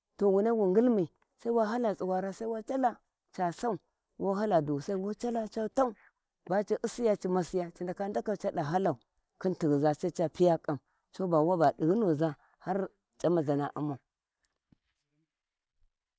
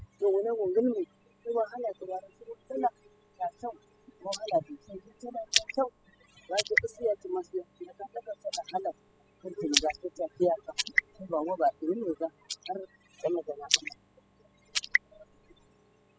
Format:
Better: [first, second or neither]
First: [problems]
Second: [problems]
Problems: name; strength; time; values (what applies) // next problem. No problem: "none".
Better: first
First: none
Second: noise reduction (classical method spectral subtraction)